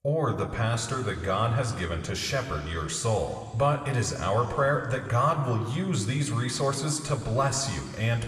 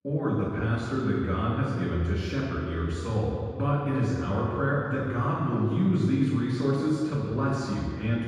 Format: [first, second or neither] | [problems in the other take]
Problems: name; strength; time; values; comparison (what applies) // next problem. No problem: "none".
first | room echo; strong; dies away in 1.8 s; slight in the first // off-mic speech; far